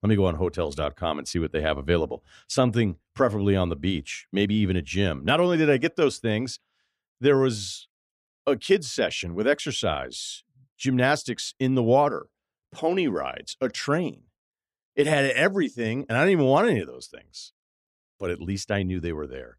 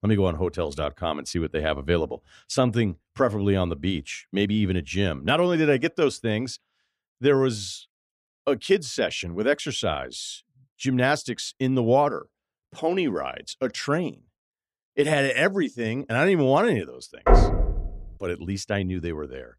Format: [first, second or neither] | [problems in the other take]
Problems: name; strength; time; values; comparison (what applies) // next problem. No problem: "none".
first | door banging; loud; at 17 s; peak 5 dB above the speech